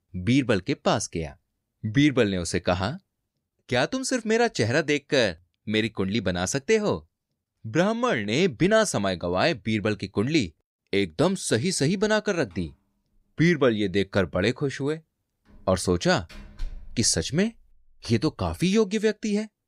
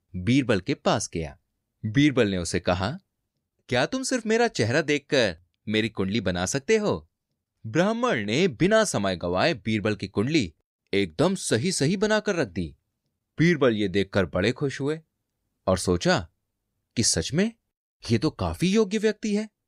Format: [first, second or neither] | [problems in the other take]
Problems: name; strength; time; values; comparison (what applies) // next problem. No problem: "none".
second | door banging; faint; at 16 s; peak 15 dB below the speech